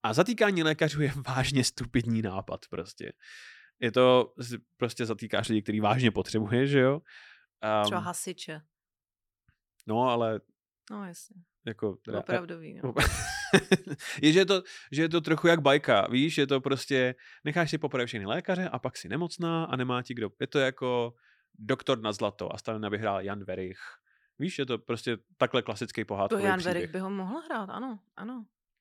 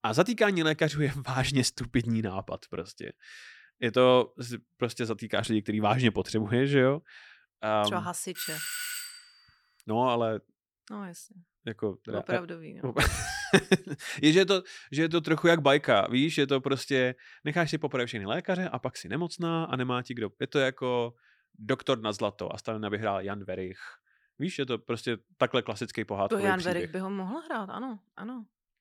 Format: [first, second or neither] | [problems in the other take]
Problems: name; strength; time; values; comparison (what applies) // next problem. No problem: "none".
first | doorbell; noticeable; at 8.5 s; peak 4 dB below the speech